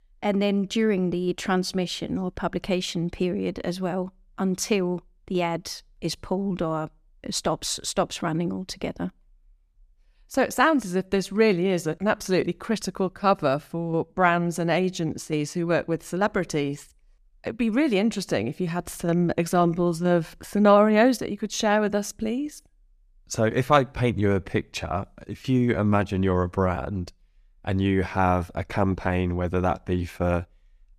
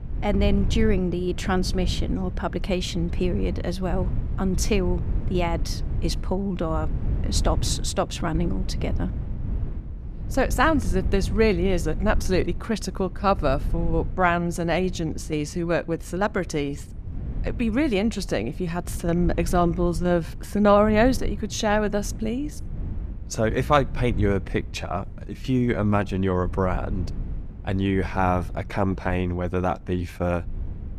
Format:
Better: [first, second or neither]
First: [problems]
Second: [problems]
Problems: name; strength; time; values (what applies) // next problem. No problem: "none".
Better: first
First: none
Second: wind noise on the microphone; occasional gusts; 20 dB below the speech